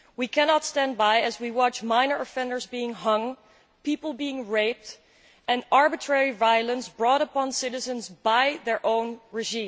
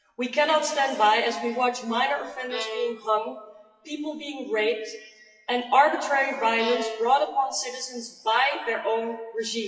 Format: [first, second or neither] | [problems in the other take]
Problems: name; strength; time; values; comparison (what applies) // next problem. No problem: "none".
first | noise reduction (classical method WPE with log-MMSE)